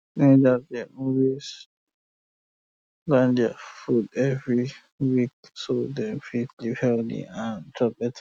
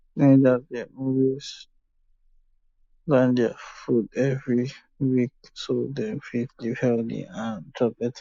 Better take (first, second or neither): first